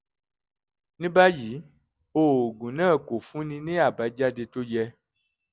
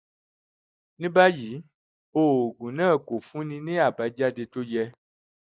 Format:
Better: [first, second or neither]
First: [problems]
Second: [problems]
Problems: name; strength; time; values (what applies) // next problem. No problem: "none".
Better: first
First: none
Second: noise reduction (neural mask model Resemble Enhance denoiser)